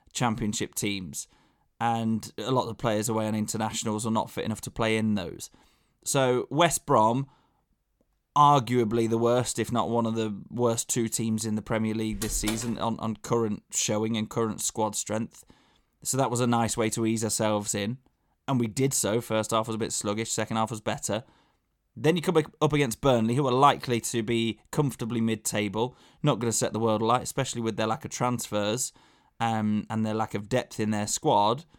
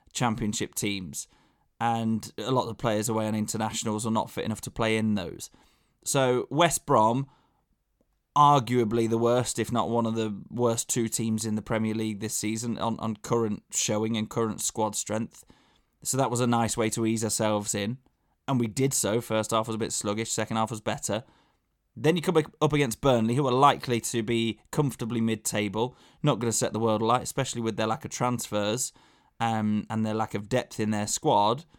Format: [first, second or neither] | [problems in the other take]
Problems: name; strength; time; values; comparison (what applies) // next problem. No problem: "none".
second | door banging; noticeable; at 12 s; peak 7 dB below the speech